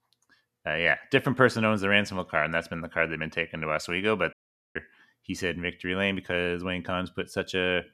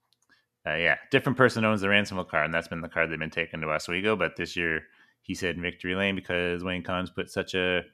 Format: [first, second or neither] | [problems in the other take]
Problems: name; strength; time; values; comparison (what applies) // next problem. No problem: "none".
second | audio cutting out; at 4.5 s